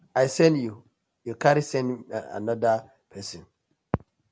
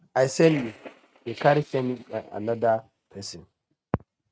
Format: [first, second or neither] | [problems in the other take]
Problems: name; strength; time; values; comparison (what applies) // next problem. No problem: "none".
first | noise reduction (neural mask model RNNoise)